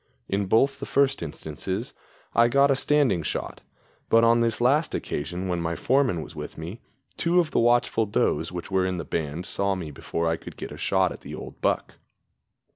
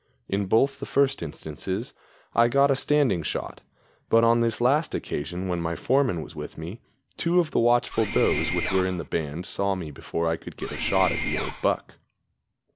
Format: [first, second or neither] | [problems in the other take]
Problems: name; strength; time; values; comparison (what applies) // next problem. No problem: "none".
first | background sound (Mechanisms); 5 dB below the speech